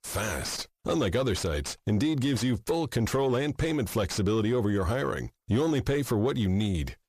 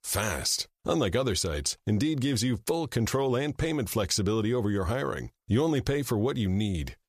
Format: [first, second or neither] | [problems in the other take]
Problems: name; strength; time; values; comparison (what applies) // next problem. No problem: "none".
second | distortion; slight; 10 dB below the speech